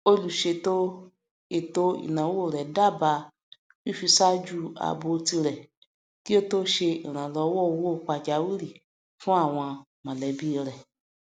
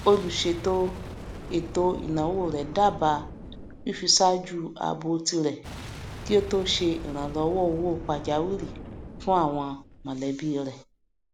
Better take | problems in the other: first | background sound (Boom); 13 dB below the speech

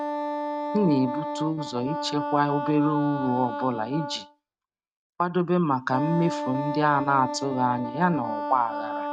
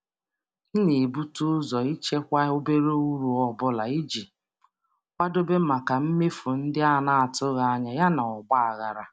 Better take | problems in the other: second | noise reduction (neural mask model RNNoise)

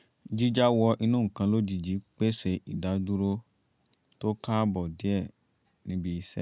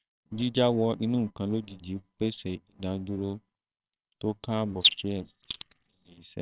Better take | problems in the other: first | noise reduction (neural separator model SepFormer WHAMR!)

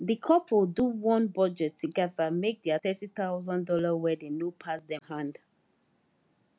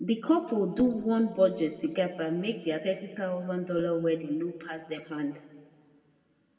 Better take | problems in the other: first | room echo; dies away in 1.4 s

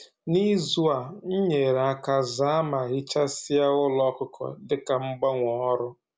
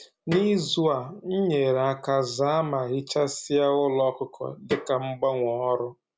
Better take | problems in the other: first | background sound (Snare drum); 15 dB below the speech

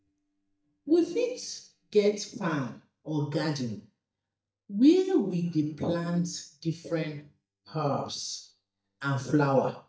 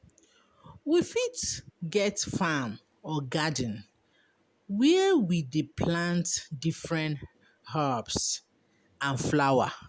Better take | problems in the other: second | noise reduction (neural mask model DeepFilterNet 3)

